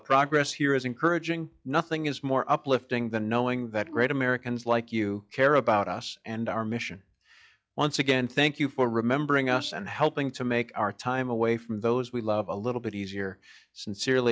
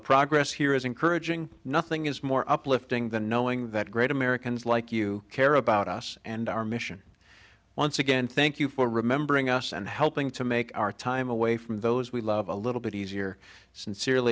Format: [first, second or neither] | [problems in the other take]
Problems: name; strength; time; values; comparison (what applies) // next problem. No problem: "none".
second | noise reduction (classical method log-MMSE)